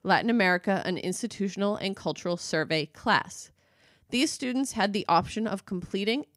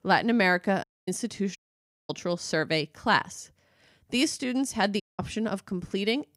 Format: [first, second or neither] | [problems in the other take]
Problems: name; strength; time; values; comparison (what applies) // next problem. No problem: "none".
first | audio cutting out; at 1 s, at 1.5 s for 0.5 s and at 5 s